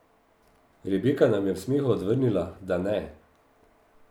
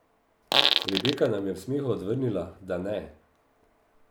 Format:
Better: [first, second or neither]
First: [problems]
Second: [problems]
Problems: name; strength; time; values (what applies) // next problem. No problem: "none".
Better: first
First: none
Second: background sound (Fart); 5 dB above the speech